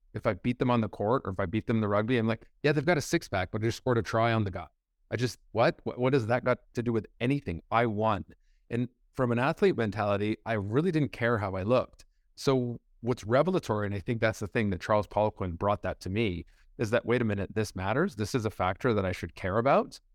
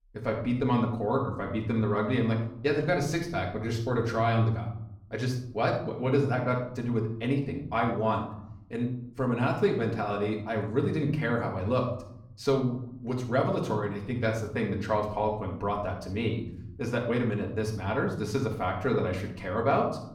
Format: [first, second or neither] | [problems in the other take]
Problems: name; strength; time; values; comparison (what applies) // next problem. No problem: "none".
first | room echo; slight; dies away in 0.7 s // off-mic speech; somewhat distant